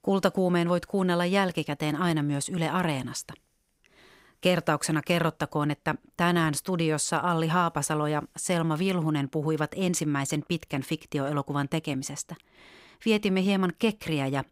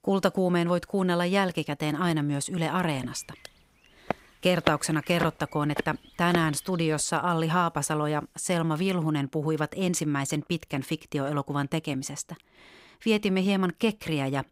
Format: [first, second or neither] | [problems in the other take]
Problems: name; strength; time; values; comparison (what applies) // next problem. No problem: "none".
first | footsteps; noticeable; from 3 to 6.5 s; peak 3 dB below the speech